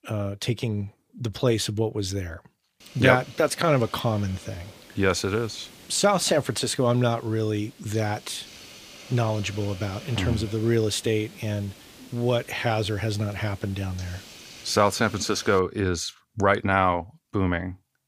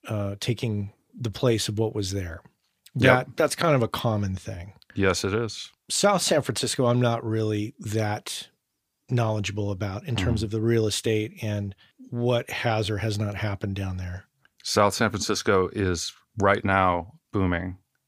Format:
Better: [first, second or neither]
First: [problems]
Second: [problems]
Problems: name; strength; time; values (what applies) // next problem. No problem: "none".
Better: second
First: hiss; noticeable; from 3 to 16 s; 20 dB below the speech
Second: none